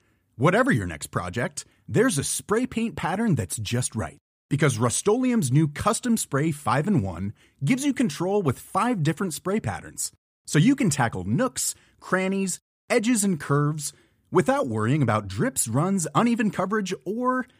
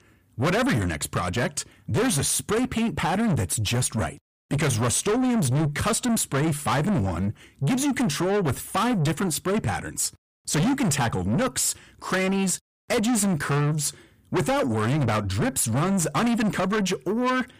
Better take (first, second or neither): first